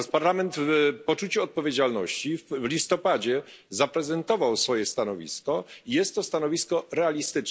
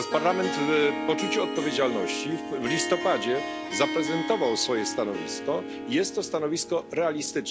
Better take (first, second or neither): first